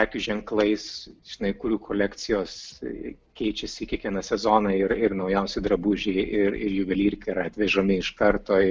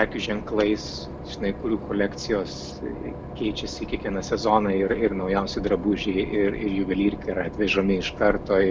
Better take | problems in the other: first | background sound (Engine / Boat, Water vehicle); 11 dB below the speech

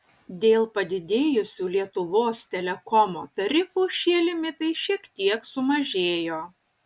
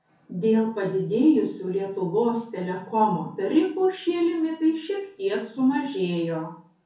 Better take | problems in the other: first | room echo; dies away in 0.5 s

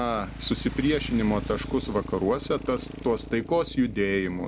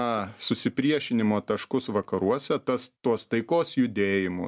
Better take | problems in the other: second | background sound (Motorcycle); 10 dB below the speech

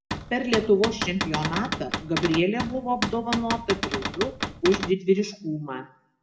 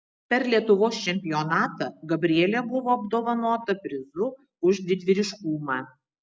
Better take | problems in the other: second | background sound (Cupboard open or close / Door); 5 dB below the speech // room echo; dies away in 0.4 s

